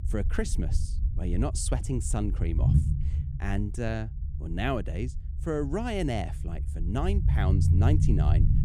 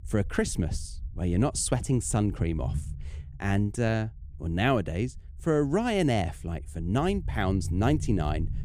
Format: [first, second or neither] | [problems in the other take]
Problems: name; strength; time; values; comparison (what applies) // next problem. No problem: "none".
second | low rumble; loud; throughout; 8 dB below the speech; faint in the second